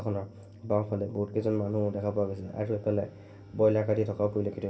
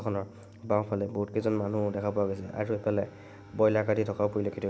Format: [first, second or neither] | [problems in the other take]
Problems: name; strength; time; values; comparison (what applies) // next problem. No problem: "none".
second | room echo; dies away in 0.2 s